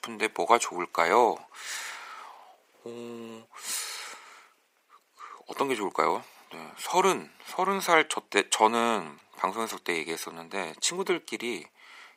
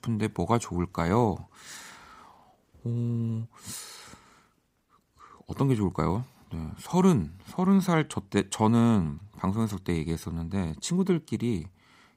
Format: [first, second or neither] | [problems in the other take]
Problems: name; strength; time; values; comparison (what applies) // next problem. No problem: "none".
second | thin; very; fading below 450 Hz